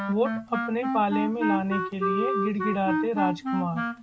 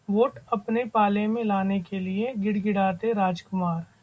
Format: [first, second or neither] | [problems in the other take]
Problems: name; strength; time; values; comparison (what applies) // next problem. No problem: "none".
second | background sound (Wind instrument, woodwind instrument); 1 dB below the speech